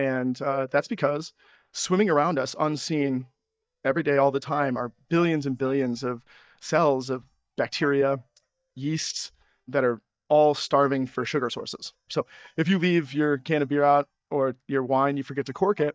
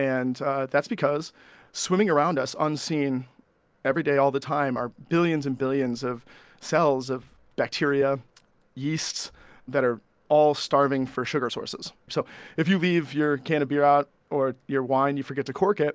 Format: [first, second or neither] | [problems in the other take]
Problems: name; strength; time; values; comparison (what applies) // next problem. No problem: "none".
second | noise reduction (neural mask model DeepFilterNet 3)